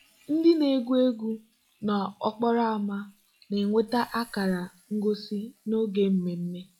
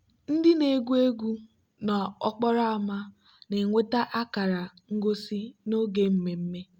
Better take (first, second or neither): second